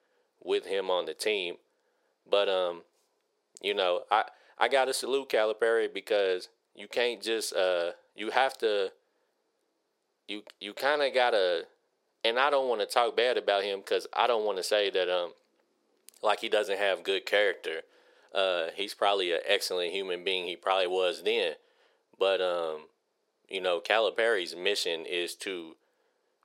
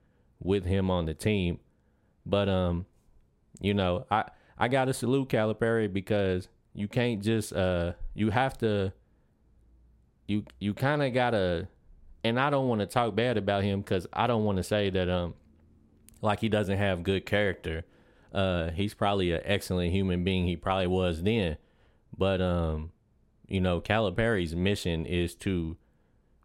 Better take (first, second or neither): second